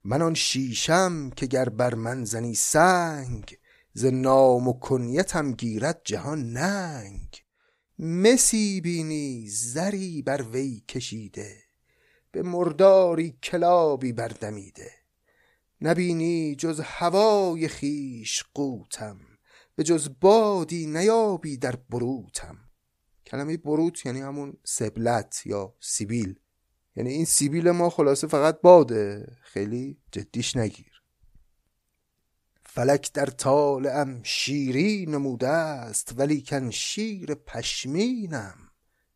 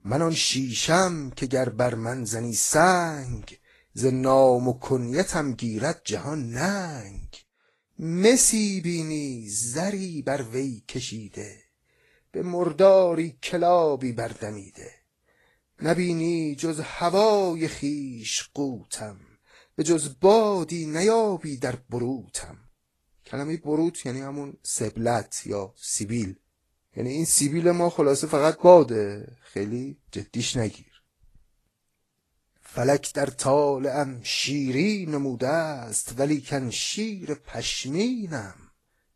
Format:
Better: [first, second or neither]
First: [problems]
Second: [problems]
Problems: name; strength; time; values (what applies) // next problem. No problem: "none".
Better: first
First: none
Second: garbled, watery; slightly; nothing above 11 kHz